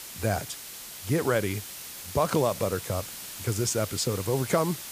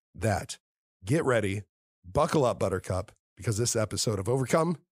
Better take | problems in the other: second | hiss; loud; throughout; 9 dB below the speech

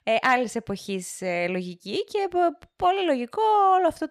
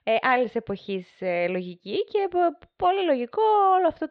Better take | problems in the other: first | muffled; slightly; fading above 4 kHz

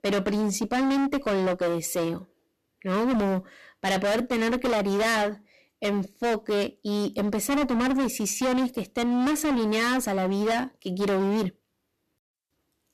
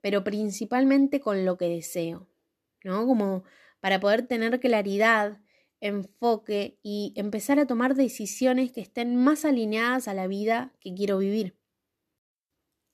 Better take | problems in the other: second | distortion; heavy; 26% of the sound clipped

